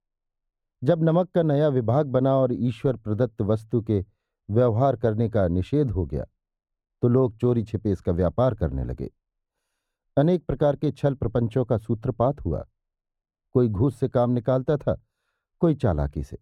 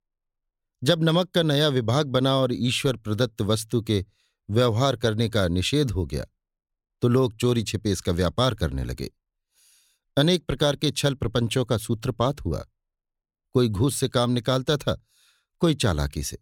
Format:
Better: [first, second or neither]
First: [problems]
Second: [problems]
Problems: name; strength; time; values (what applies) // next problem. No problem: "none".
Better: second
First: muffled; very; fading above 2 kHz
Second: none